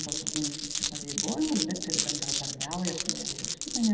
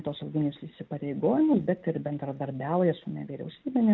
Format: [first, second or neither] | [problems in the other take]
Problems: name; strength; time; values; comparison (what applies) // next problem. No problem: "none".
second | background sound (Glass); as loud as the speech // room echo; dies away in 1.9 s